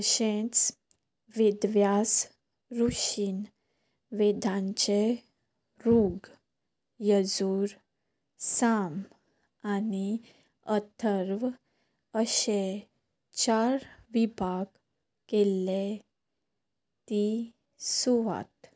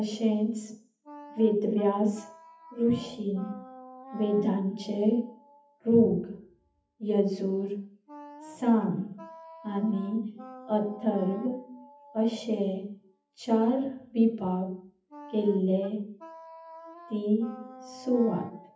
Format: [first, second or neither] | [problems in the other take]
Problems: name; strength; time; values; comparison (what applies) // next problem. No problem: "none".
first | noise reduction (classical method WPE with log-MMSE)